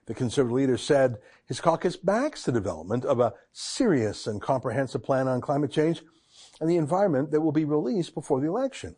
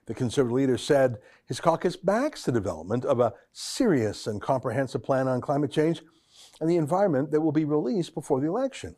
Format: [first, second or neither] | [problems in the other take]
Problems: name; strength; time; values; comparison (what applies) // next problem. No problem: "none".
second | garbled, watery; slightly; nothing above 9.5 kHz